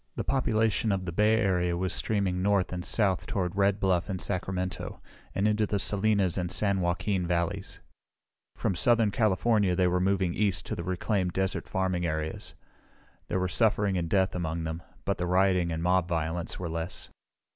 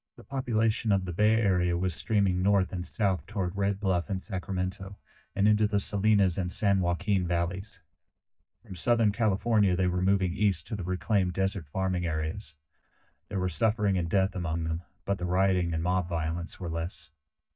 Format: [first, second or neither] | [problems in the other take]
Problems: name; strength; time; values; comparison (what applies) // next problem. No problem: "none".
first | noise reduction (neural mask model DeepFilterNet 3)